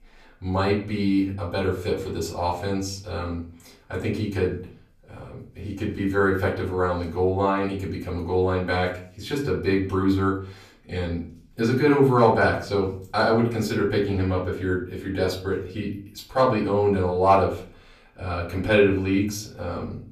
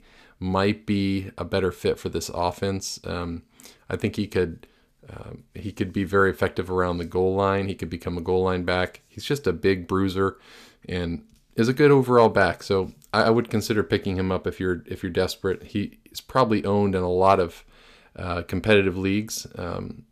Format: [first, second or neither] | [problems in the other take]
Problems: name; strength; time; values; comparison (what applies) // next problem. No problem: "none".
second | off-mic speech; far // room echo; slight; dies away in 0.4 s